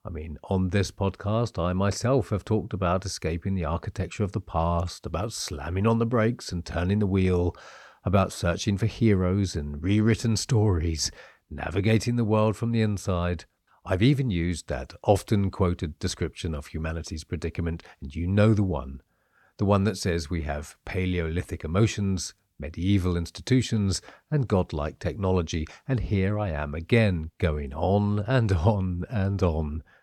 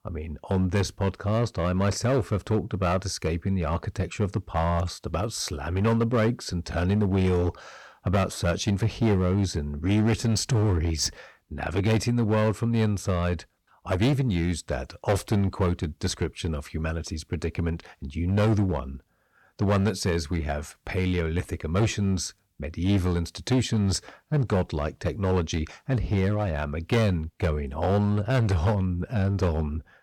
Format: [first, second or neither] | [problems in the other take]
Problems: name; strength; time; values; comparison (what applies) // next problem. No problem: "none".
first | distortion; slight; 7% of the sound clipped